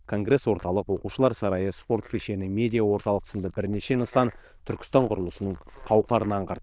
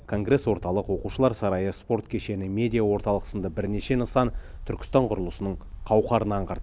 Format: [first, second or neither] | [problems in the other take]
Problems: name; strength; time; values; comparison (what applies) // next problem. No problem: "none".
second | noise reduction (neural diffusion model UNIVERSE++)